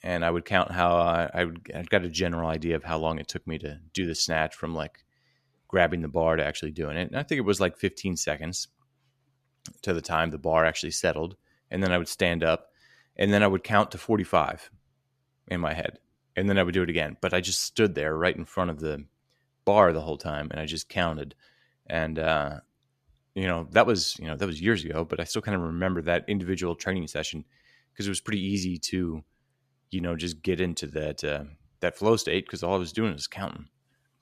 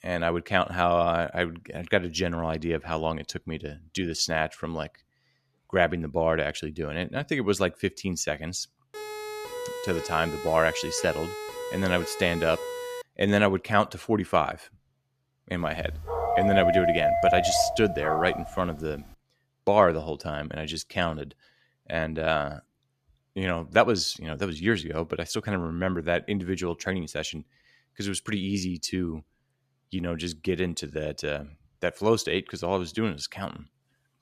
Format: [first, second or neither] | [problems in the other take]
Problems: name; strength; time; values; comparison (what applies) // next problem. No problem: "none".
first | siren; noticeable; from 9 to 13 s; peak 7 dB below the speech // dog barking; loud; from 16 to 18 s; peak 5 dB above the speech